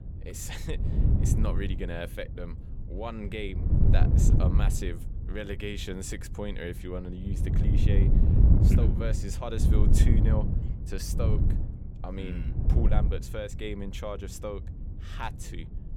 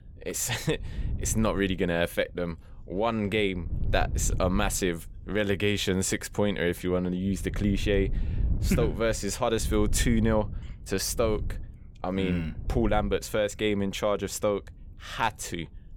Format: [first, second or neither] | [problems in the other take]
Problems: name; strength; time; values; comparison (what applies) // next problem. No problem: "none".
second | wind noise on the microphone; heavy; 1 dB below the speech; occasional gusts in the second